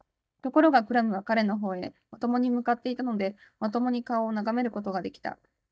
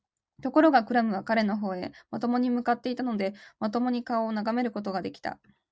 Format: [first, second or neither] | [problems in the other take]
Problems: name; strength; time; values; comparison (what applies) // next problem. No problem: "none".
second | noise reduction (neural mask model DeepFilterNet 3)